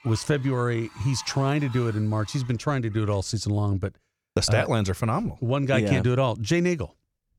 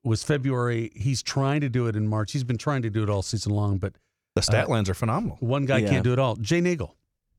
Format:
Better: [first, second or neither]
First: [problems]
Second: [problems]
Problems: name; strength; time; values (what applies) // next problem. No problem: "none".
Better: second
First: animal sounds; faint; until 3 s; 20 dB below the speech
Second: none